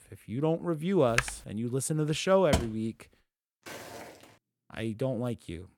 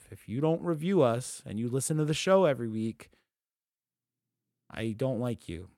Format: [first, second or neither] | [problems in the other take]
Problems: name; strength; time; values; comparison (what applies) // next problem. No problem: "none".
second | keyboard typing; noticeable; at 1 s; peak 1 dB below the speech // door banging; noticeable; at 2.5 s; peak 1 dB below the speech // footsteps; faint; at 3.5 s; peak 15 dB below the speech